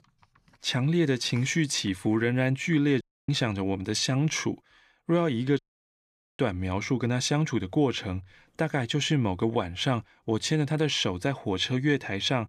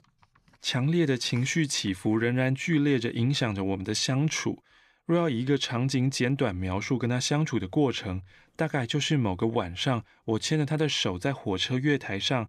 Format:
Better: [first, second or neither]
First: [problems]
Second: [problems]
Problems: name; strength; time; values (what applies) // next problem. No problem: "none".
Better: second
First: audio cutting out; at 3 s and at 5.5 s for 1 s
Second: none